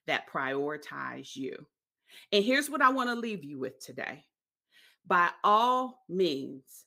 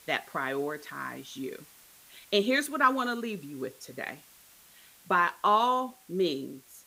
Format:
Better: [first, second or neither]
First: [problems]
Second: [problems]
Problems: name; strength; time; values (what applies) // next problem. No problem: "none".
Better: first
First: none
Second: hiss; faint; throughout; 25 dB below the speech